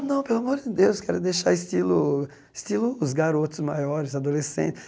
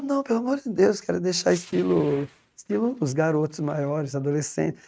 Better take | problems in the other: first | noise reduction (neural mask model RNNoise)

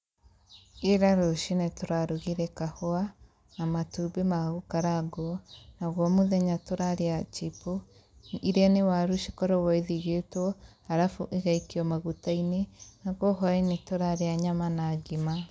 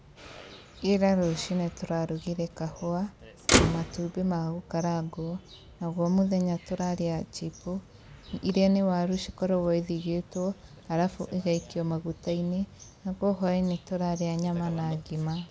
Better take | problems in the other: first | background sound (Motor vehicle (road)); 9 dB below the speech

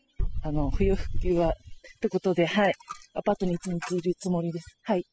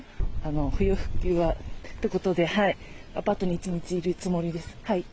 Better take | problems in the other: second | noise reduction (classical method spectral subtraction)

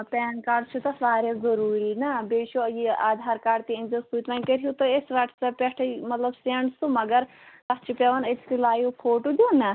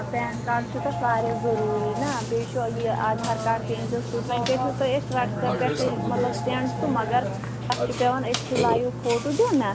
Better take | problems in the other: first | background sound (Burping, eructation); 3 dB below the speech

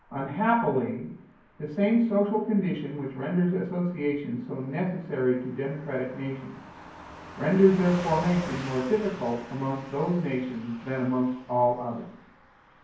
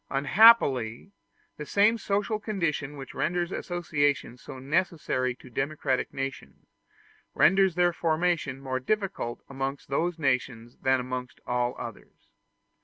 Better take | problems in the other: second | background sound (Car passing by / Truck); 18 dB below the speech // room echo; dies away in 0.9 s

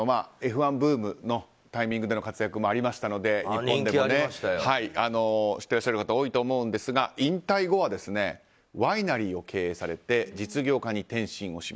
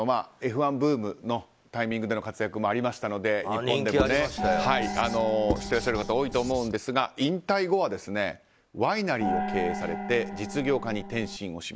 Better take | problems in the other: first | background sound (Gong + Writing); 5 dB below the speech

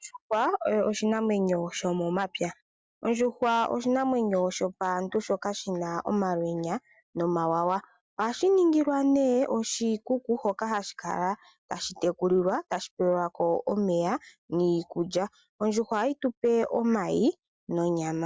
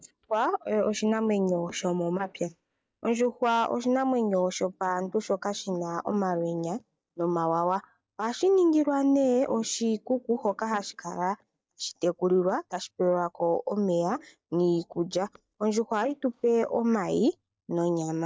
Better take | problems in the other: first | noise reduction (neural mask model DeepFilterNet 3)

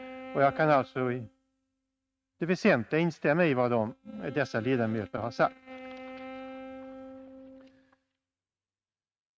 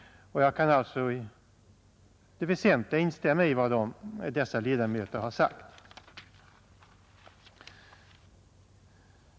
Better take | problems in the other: second | noise reduction (neural mask model RNNoise)

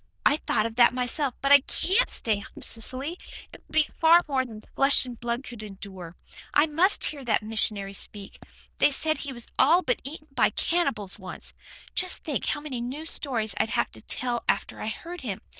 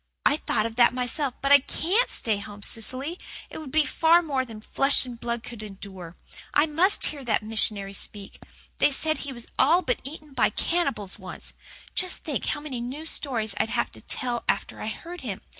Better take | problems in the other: second | noise reduction (neural diffusion model UNIVERSE++)

